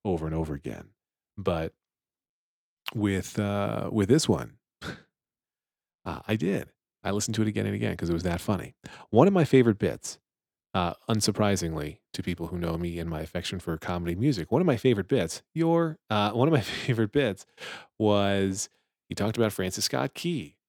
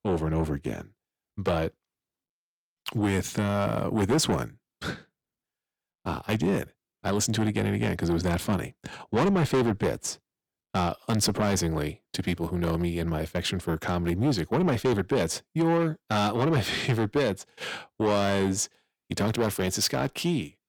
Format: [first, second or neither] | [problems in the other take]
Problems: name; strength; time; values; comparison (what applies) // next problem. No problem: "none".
first | distortion; heavy; 6 dB below the speech